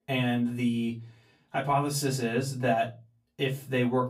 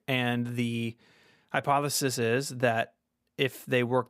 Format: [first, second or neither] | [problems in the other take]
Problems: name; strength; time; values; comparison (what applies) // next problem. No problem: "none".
second | off-mic speech; far // room echo; very slight; dies away in 0.3 s